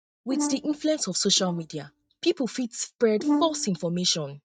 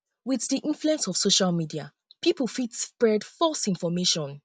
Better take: second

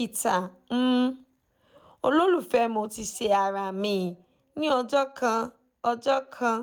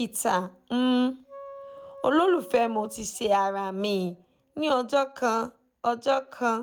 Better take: first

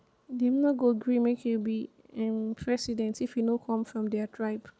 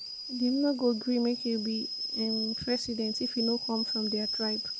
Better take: first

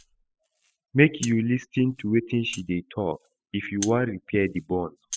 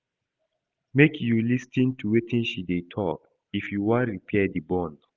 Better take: second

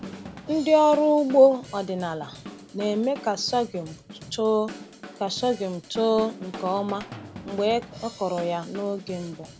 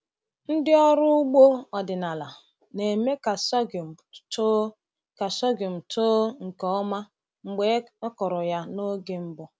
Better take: second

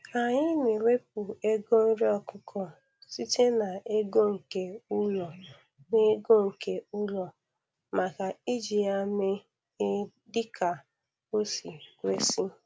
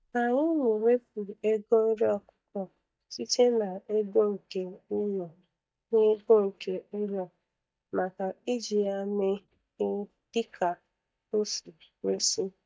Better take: first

